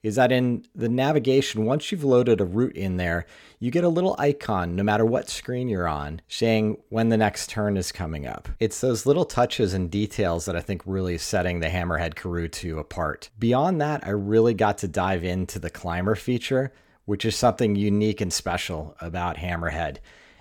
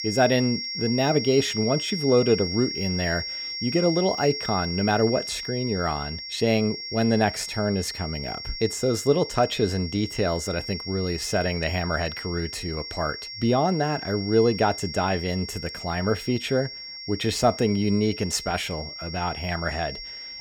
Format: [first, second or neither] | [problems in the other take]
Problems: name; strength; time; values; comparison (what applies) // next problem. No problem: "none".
first | high-pitched whine; loud; throughout; 5.5 kHz, 7 dB below the speech